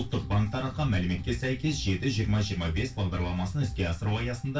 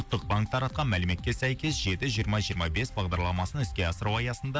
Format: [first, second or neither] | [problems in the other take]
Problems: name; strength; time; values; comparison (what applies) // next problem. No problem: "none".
second | room echo; dies away in 0.2 s